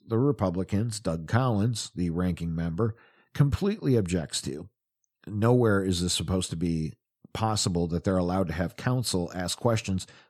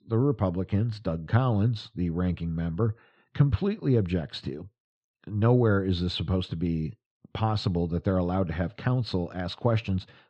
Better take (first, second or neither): first